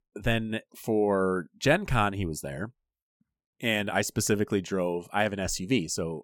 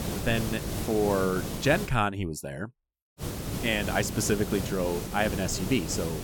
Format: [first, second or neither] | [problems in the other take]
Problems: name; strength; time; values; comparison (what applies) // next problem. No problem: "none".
first | hiss; loud; until 2 s and from 3 s on; 5 dB below the speech